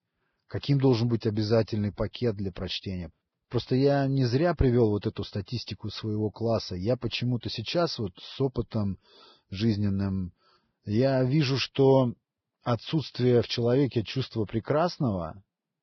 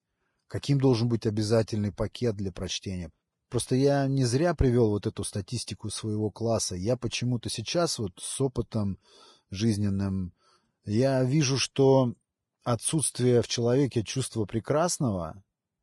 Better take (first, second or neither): second